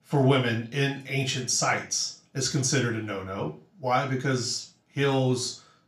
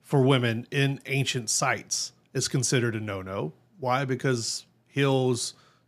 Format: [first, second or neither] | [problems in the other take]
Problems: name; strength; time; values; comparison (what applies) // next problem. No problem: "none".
second | room echo; slight; dies away in 0.3 s // off-mic speech; far